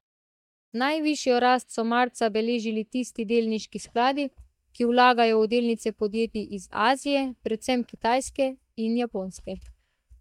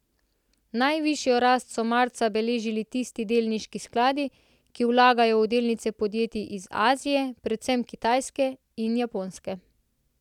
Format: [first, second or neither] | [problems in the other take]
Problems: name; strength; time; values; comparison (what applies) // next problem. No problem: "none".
second | noise reduction (neural mask model DeepFilterNet 3)